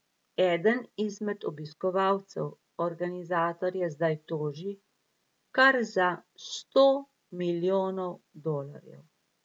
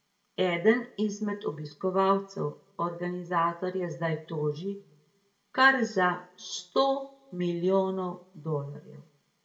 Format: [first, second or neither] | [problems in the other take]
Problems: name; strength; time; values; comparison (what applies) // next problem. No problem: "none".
first | room echo; dies away in 0.4 s